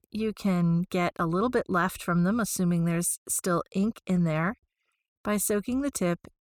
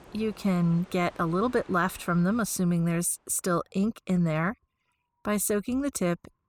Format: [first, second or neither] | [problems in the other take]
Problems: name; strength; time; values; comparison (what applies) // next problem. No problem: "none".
first | wind in the background; faint; throughout; 25 dB below the speech